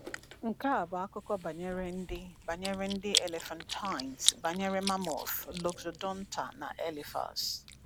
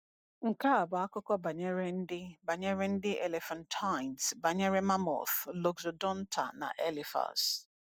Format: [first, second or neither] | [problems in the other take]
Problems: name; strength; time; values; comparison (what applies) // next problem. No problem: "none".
second | background sound (Chewing, mastication); 4 dB below the speech